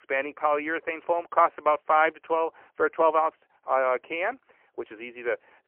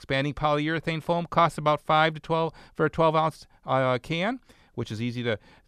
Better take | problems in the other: second | phone-call audio; poor line

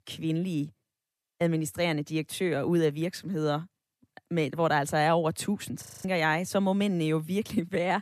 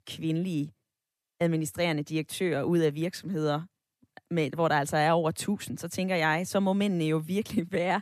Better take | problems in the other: second | audio freezing; at 6 s

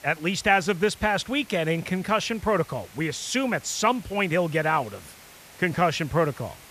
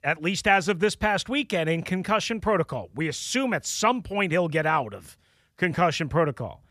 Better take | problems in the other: second | hiss; faint; throughout; 20 dB below the speech

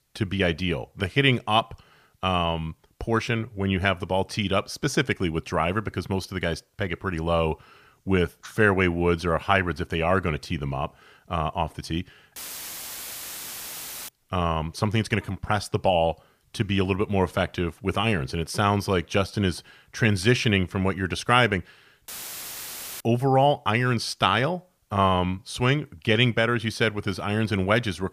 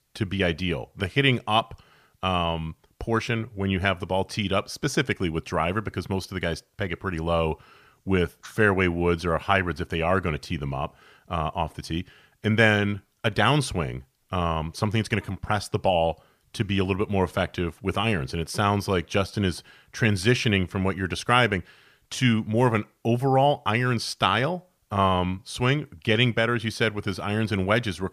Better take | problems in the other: second | audio cutting out; filled with static; at 12 s for 1.5 s and at 22 s for 1 s

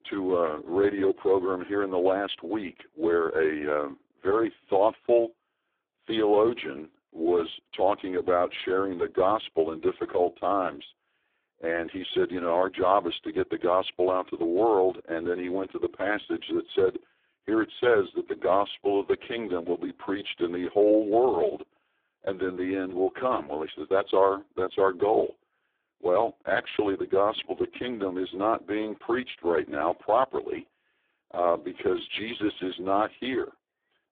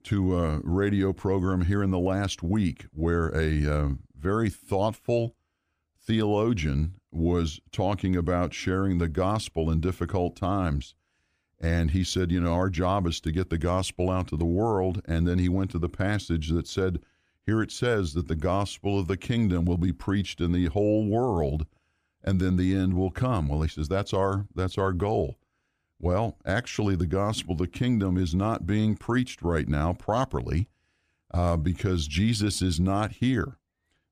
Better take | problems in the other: second | phone-call audio; poor line; nothing above 3.5 kHz

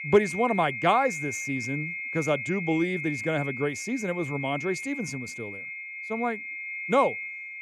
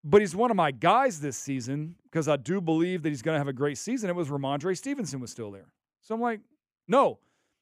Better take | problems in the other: second | high-pitched whine; loud; throughout; 2 kHz, 5 dB below the speech

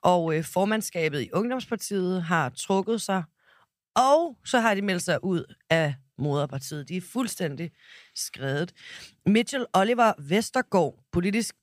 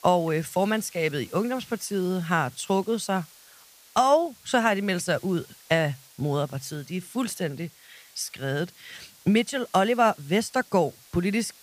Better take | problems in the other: first | hiss; faint; throughout; 25 dB below the speech

